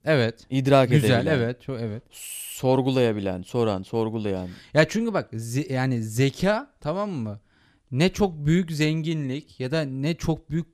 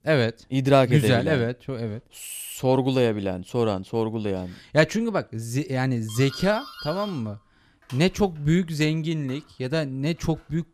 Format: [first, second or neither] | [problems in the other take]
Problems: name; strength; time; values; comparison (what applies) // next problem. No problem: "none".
first | doorbell; faint; from 6 s on; peak 10 dB below the speech